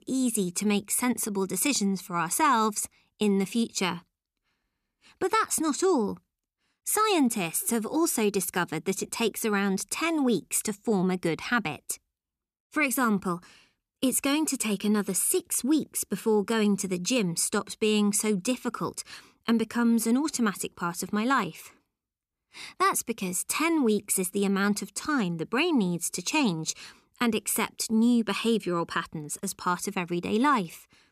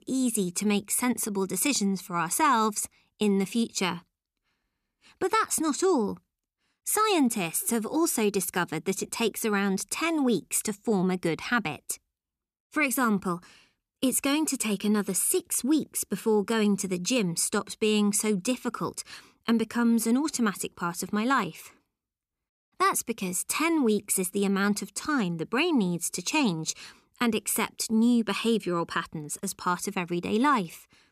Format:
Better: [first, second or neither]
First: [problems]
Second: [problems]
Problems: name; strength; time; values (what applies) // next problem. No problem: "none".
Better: first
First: none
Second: audio cutting out; at 23 s